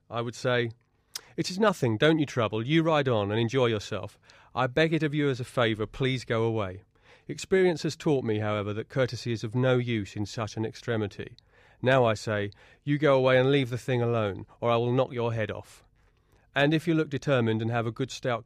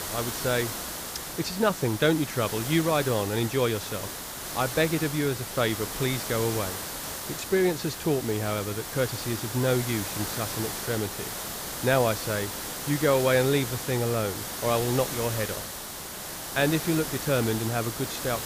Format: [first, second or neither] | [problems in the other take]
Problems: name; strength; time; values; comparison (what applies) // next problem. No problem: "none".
first | hiss; loud; throughout; 5 dB below the speech